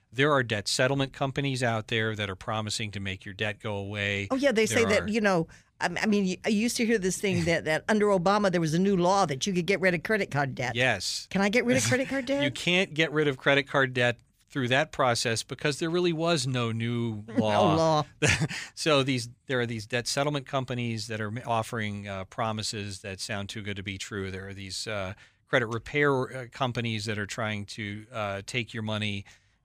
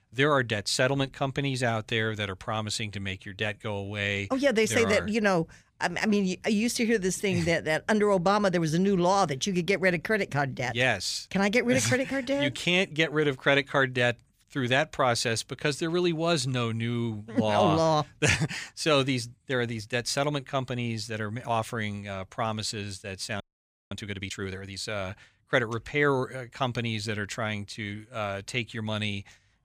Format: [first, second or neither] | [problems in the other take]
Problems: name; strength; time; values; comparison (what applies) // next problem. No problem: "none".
first | audio freezing; at 23 s for 0.5 s